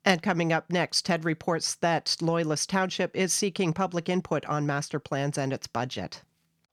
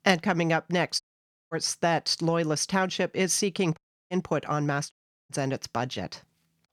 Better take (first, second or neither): first